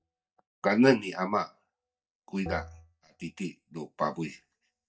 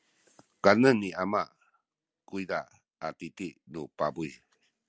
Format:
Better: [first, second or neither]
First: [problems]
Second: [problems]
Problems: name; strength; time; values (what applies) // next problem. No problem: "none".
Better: second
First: noise reduction (neural mask model DeepFilterNet 3)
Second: none